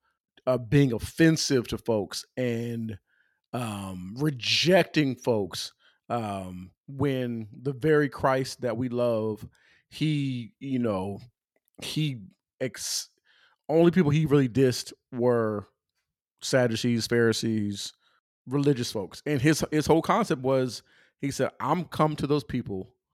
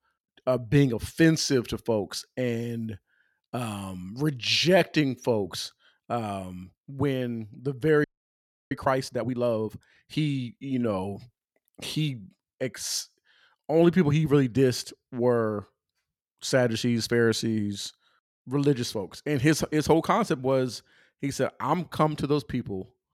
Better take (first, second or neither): first